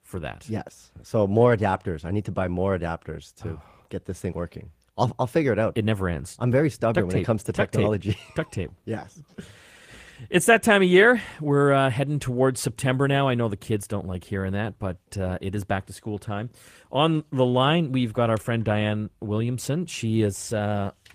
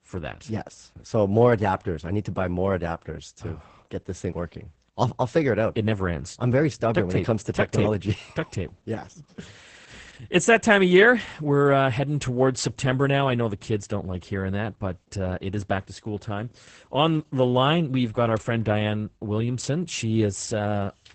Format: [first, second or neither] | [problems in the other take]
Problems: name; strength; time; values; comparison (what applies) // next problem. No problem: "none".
first | garbled, watery; badly; nothing above 8 kHz; slightly in the first